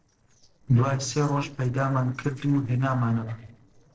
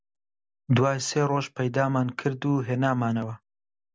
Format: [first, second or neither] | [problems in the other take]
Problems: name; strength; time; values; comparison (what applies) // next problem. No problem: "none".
second | noise reduction (neural separator model SepFormer DNS4)